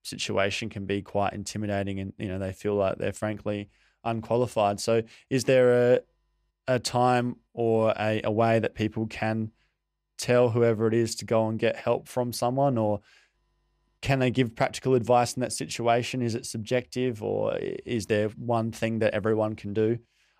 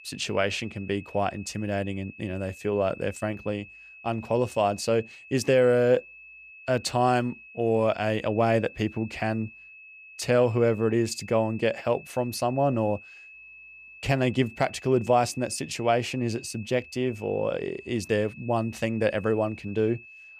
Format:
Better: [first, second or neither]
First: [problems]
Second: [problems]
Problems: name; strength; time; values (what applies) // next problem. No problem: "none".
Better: first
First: none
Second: high-pitched whine; noticeable; throughout; 2.5 kHz, 20 dB below the speech